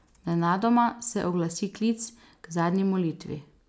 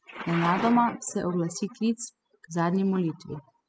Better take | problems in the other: first | noise reduction (classical method spectral subtraction)

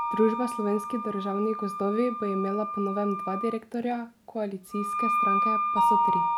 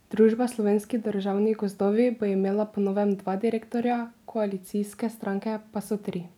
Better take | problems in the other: second | background sound (Wind instrument, woodwind instrument + Mallet percussion); 1 dB above the speech

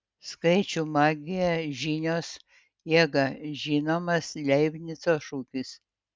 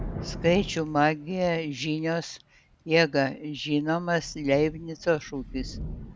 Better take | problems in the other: first | background sound (Thunder / Rain); 13 dB below the speech

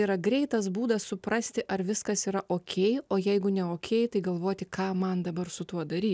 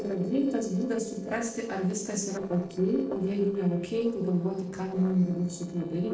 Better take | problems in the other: first | noise reduction (neural separator model SepFormer DNS4)

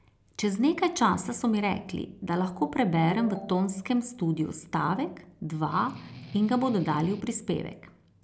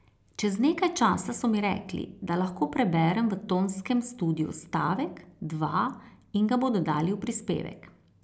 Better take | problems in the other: second | background sound (Ringtone / Chime + Strum); 16 dB below the speech

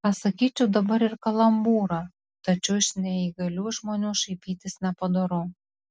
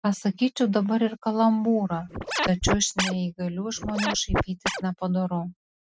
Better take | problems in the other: first | noise reduction (neural mask model RNNoise)

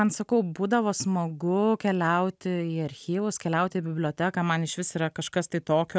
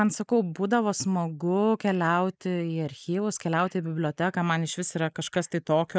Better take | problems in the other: first | noise reduction (neural mask model Resemble Enhance denoiser)

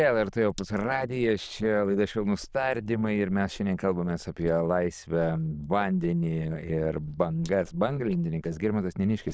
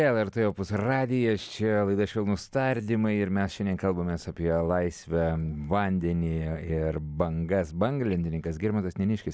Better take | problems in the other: second | noise reduction (neural diffusion model UNIVERSE++)

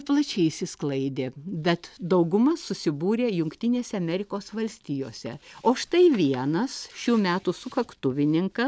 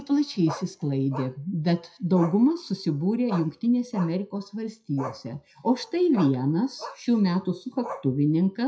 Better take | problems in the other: first | noise reduction (classical method WPE with log-MMSE)

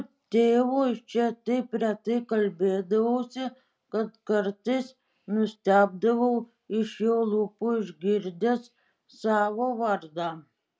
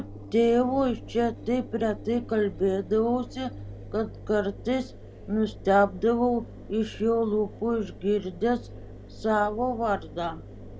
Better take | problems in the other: first | background sound (Engine); 15 dB below the speech

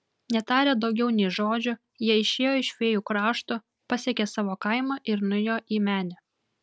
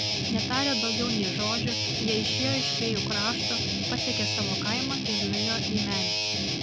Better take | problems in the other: first | background sound (Guitar); 4 dB above the speech

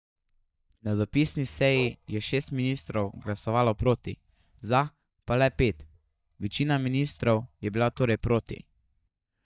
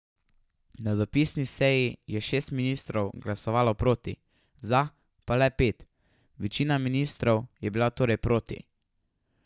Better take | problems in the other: second | noise reduction (neural mask model DeepFilterNet 3)

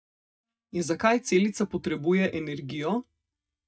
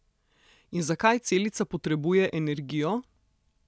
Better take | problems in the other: second | noise reduction (neural mask model DeepFilterNet 3)

